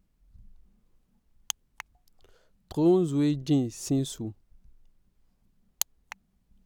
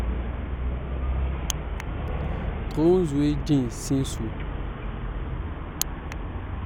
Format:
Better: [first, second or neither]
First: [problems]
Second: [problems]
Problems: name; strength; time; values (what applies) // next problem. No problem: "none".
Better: first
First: none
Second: background sound (Traffic noise, roadway noise); as loud as the speech